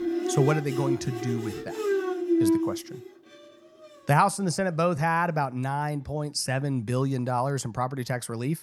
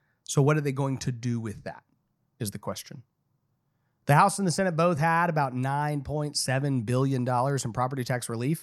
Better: second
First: background music; loud; throughout; 1 dB below the speech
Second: none

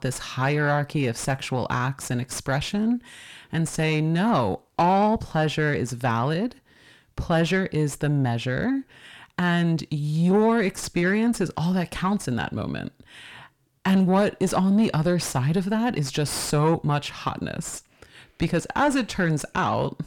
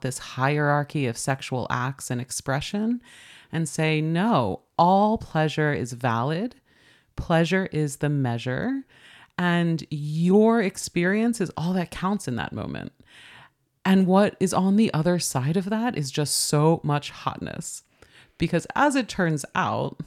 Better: second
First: distortion; slight; 9 dB below the speech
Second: none

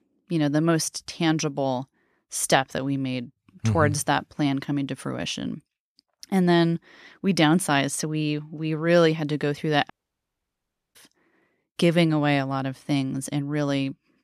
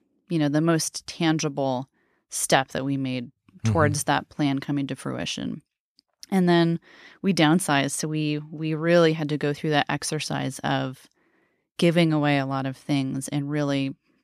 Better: second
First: audio cutting out; at 10 s for 1 s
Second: none

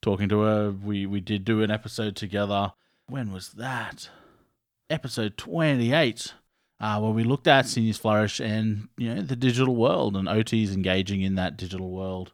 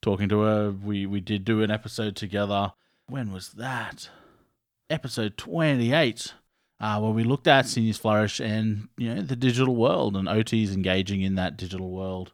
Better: neither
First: none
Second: none

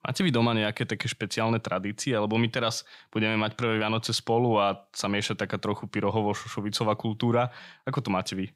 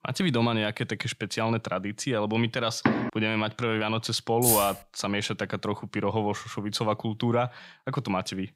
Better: first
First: none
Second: door banging; loud; at 3 s; peak 1 dB above the speech // jangling keys; loud; at 4.5 s; peak 4 dB above the speech

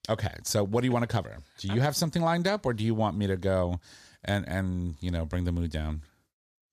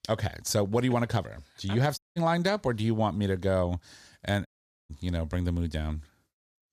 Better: first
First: none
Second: audio cutting out; at 2 s and at 4.5 s

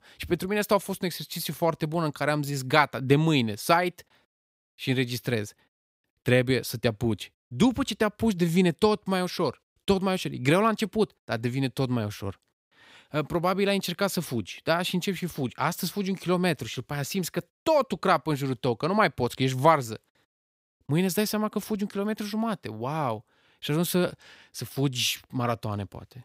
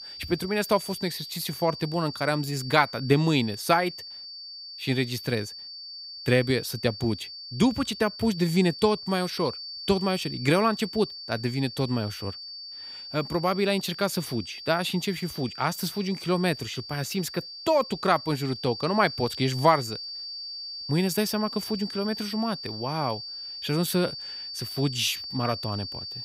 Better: first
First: none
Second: high-pitched whine; loud; throughout; 4.5 kHz, 10 dB below the speech

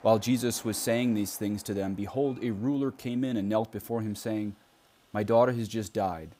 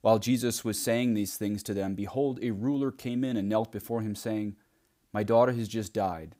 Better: second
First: train or aircraft noise; faint; throughout; 25 dB below the speech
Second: none

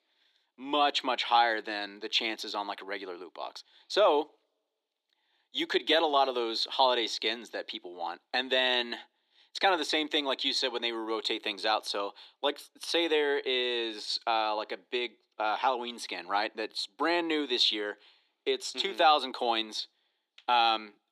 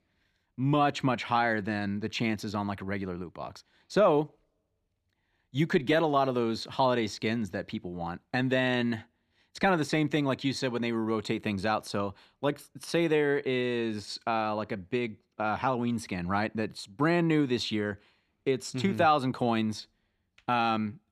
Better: second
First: thin; very; fading below 350 Hz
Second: none

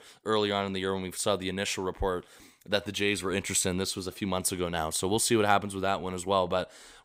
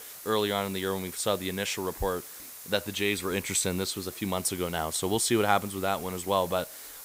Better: first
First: none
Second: hiss; noticeable; throughout; 10 dB below the speech

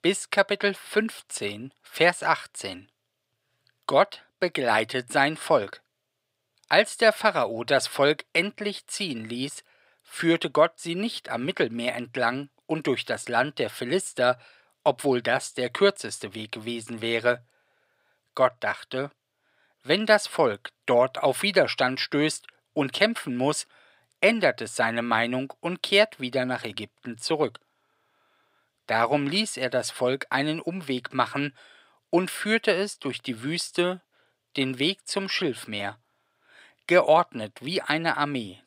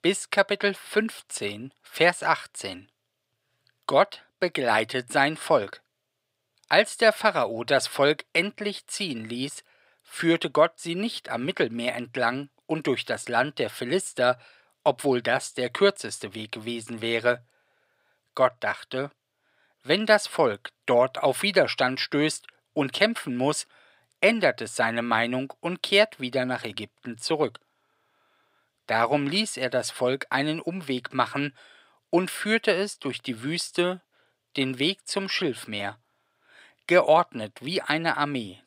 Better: neither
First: thin; somewhat; fading below 350 Hz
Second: thin; somewhat; fading below 350 Hz

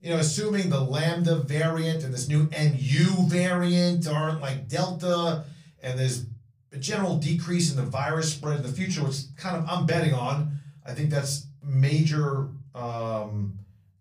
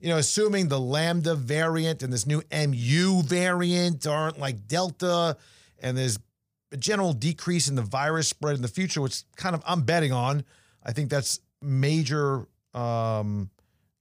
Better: second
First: off-mic speech; far // room echo; very slight; dies away in 0.4 s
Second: none

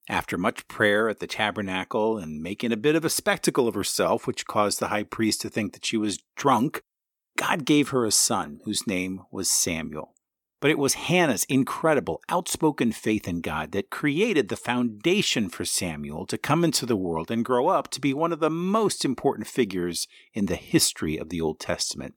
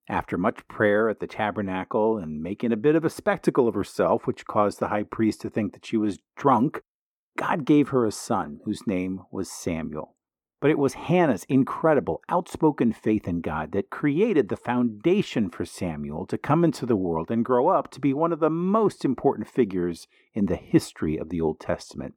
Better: first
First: none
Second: muffled; very; fading above 2 kHz

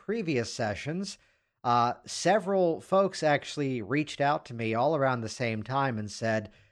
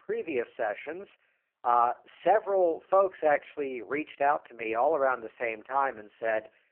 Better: first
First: none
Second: phone-call audio; poor line

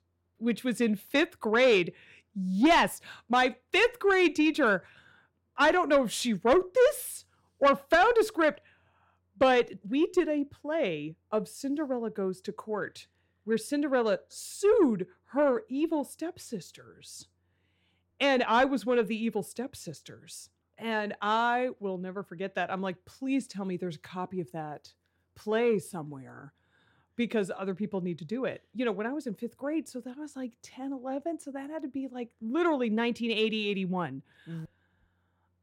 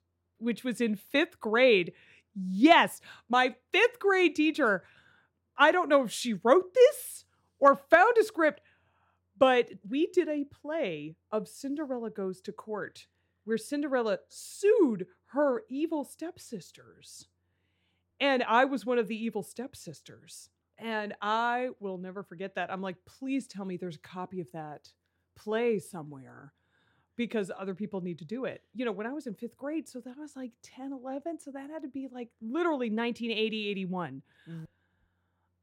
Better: second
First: distortion; slight; 10 dB below the speech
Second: none

